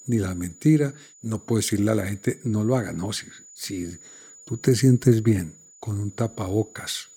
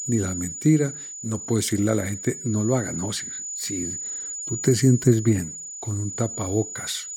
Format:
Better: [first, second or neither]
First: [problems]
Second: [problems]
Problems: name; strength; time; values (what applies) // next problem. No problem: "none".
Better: first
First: high-pitched whine; faint; throughout; 7 kHz, 20 dB below the speech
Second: high-pitched whine; loud; throughout; 7 kHz, 7 dB below the speech